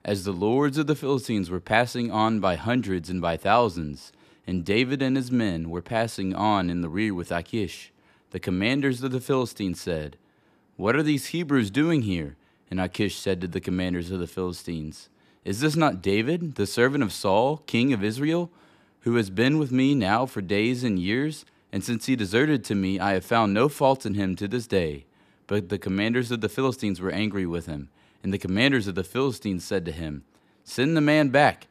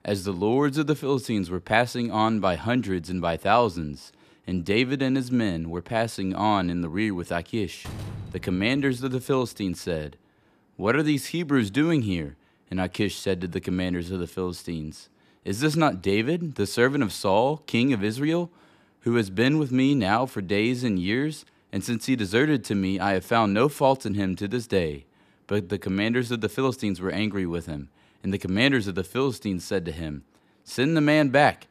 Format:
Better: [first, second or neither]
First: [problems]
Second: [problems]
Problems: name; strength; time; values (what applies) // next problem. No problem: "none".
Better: first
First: none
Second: door banging; faint; from 8 to 9 s; peak 10 dB below the speech